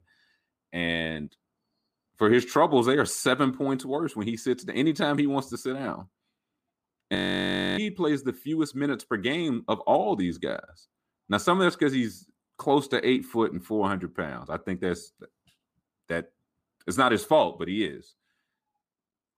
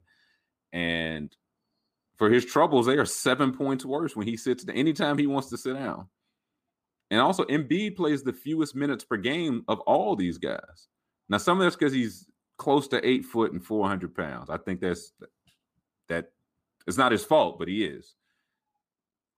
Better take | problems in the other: second | audio freezing; at 7 s for 0.5 s

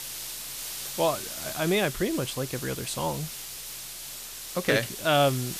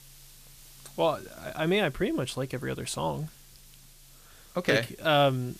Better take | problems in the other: second | hiss; loud; throughout; 7 dB below the speech; faint in the second

